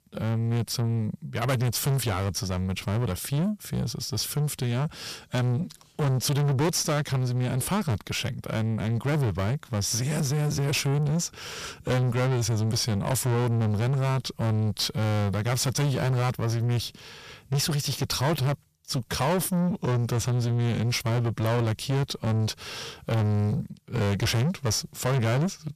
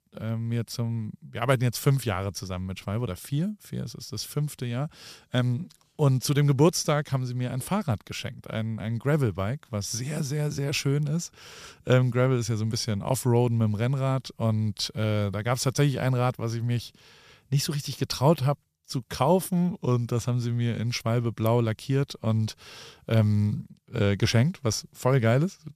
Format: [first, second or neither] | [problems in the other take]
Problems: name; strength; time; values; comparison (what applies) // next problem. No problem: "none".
second | distortion; heavy; 6 dB below the speech